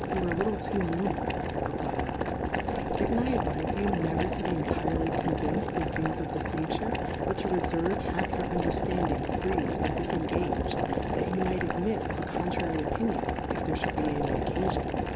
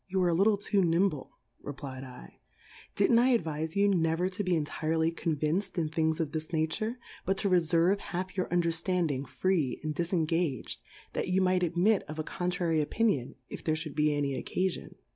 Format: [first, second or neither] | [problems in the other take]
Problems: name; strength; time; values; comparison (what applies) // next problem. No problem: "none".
second | background sound (Boiling); 3 dB above the speech